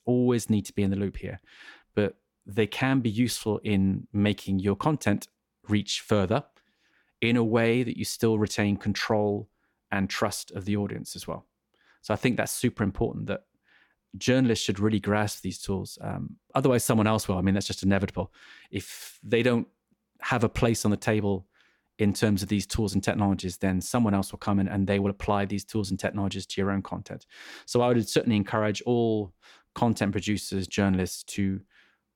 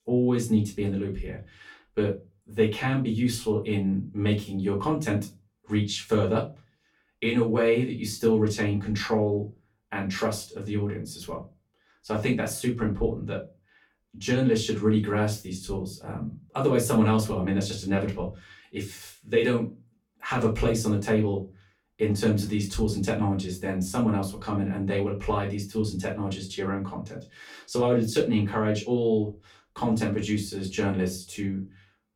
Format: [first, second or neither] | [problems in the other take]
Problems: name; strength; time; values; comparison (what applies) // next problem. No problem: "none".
first | off-mic speech; far // room echo; very slight; dies away in 0.2 s